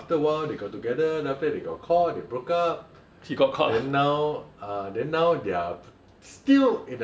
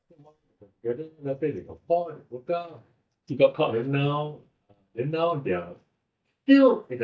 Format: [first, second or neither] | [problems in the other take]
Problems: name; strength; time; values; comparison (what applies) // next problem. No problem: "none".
first | noise reduction (neural mask model DeepFilterNet 3)